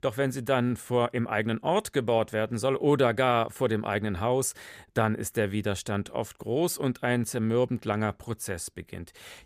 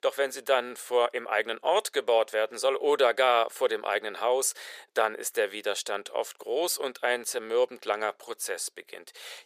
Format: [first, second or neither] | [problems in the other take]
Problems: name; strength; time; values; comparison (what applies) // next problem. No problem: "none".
first | thin; very; fading below 450 Hz